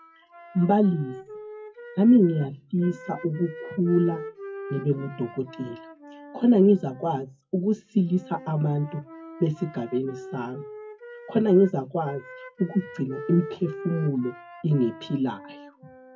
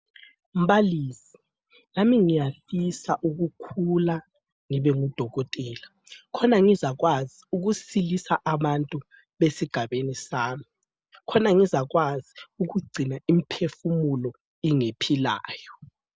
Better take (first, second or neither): second